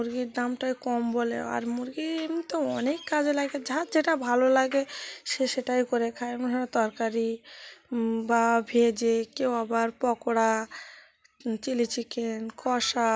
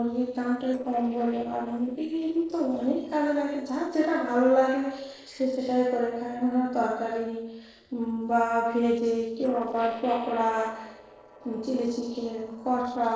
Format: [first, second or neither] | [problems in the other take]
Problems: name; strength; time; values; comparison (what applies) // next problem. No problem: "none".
first | noise reduction (neural separator model SepFormer DNS4)